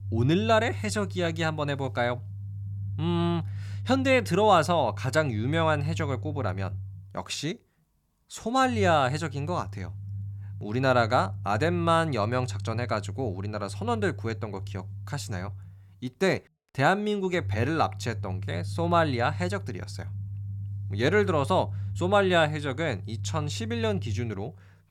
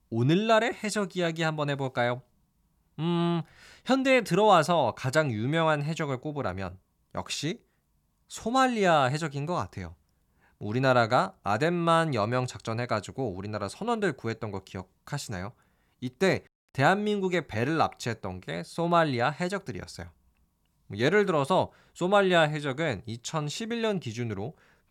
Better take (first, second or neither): second